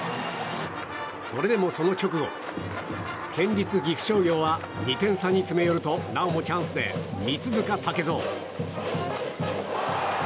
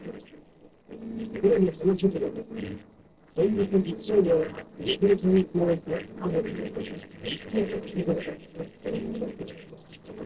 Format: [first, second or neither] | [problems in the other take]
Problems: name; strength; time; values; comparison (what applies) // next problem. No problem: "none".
first | noise reduction (neural separator model SepFormer DNS4)